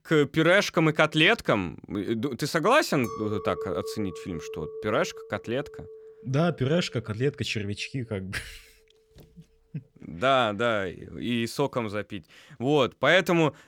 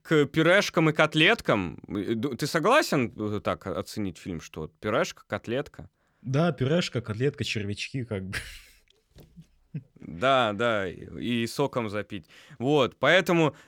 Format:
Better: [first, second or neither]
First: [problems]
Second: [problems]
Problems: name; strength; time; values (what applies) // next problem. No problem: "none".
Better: second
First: clattering dishes; noticeable; from 3 to 7 s; peak 9 dB below the speech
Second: none